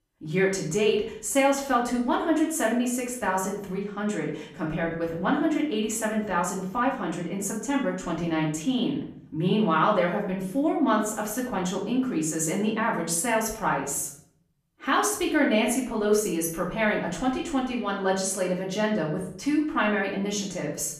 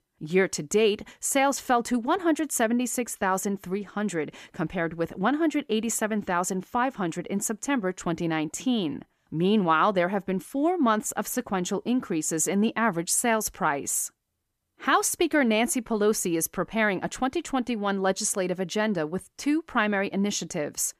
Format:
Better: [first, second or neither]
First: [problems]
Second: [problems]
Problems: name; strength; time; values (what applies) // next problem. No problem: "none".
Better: second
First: off-mic speech; far // room echo; slight; dies away in 0.6 s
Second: none